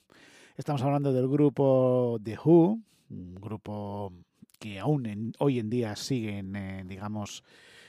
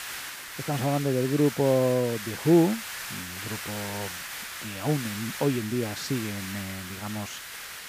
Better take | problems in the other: first | hiss; loud; throughout; 8 dB below the speech

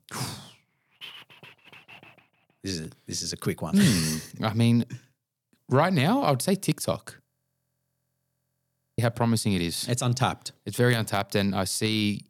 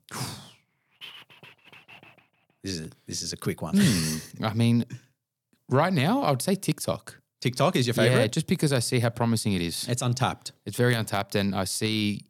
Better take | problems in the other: second | audio freezing; at 7.5 s for 1.5 s

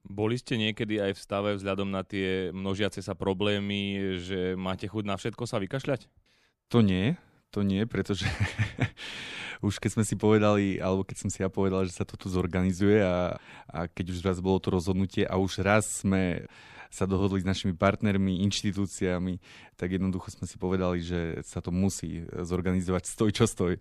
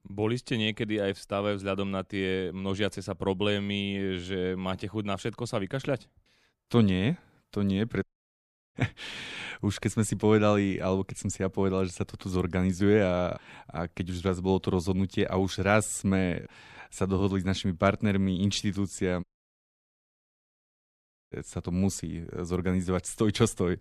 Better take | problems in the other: first | audio cutting out; at 8 s for 0.5 s and at 19 s for 2 s

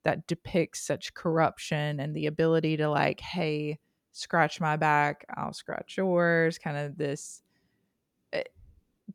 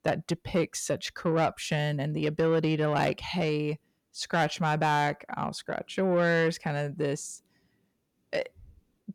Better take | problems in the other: first | distortion; slight; 10 dB below the speech

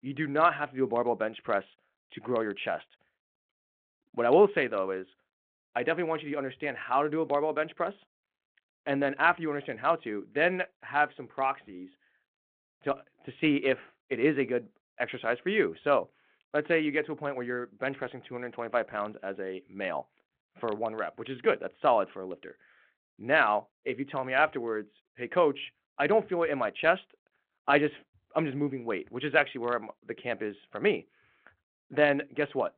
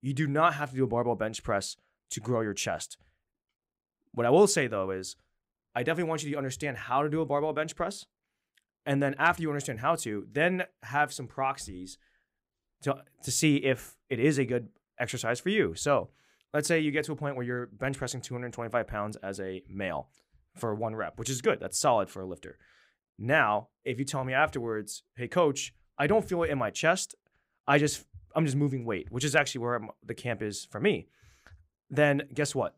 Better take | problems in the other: second | phone-call audio

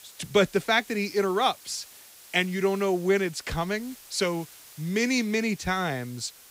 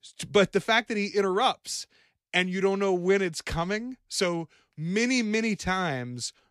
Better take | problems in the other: second | hiss; faint; throughout; 20 dB below the speech

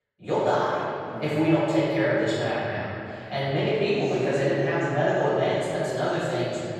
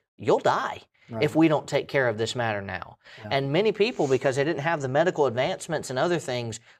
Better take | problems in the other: second | room echo; strong; dies away in 2.4 s // off-mic speech; far

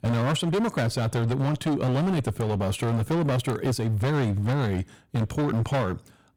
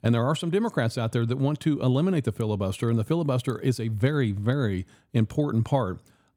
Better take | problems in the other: second | distortion; heavy; 28% of the sound clipped

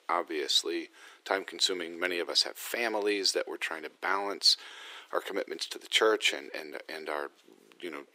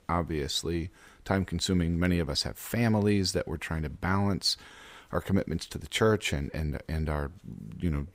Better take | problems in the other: second | thin; very; fading below 350 Hz

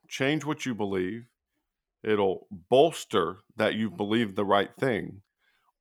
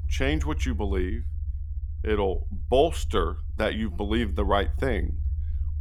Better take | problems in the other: first | low rumble; faint; throughout; 25 dB below the speech

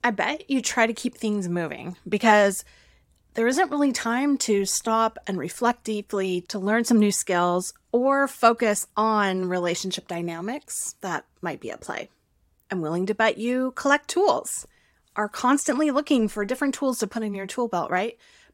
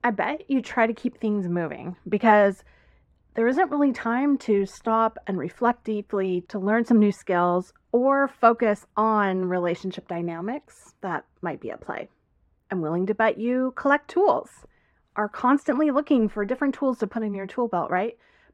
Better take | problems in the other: first | muffled; very; fading above 4 kHz

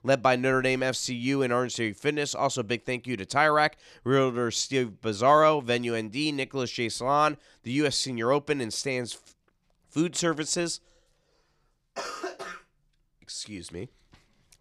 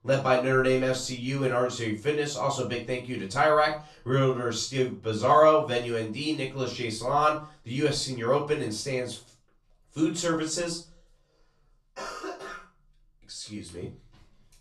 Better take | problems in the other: first | off-mic speech; far // room echo; slight; dies away in 0.3 s

